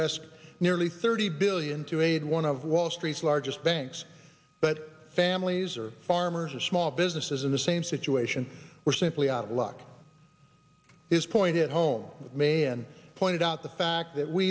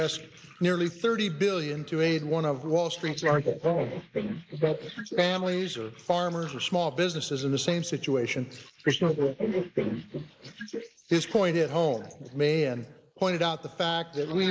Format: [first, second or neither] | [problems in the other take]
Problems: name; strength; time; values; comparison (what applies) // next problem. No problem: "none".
first | noise reduction (neural mask model Resemble Enhance denoiser)